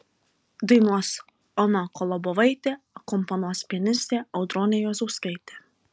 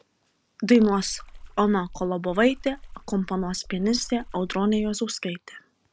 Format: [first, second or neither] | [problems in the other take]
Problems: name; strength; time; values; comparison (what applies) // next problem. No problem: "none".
first | background sound (Water / Splash, splatter); 17 dB below the speech